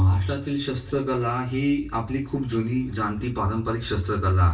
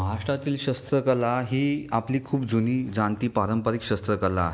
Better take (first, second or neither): second